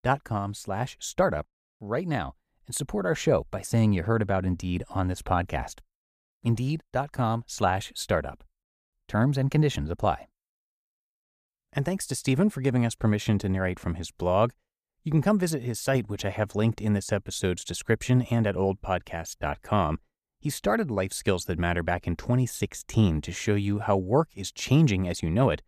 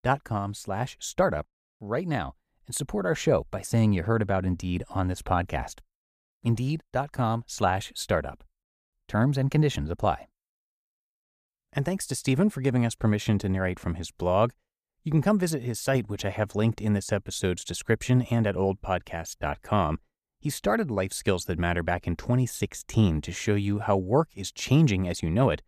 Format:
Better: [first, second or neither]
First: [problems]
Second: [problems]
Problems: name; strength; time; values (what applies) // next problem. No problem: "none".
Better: neither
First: none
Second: none